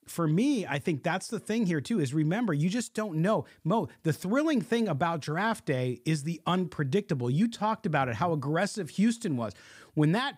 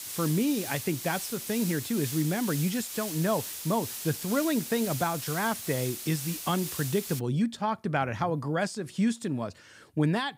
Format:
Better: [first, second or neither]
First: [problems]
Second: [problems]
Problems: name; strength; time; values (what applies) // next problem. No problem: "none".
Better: first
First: none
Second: hiss; loud; until 7 s; 6 dB below the speech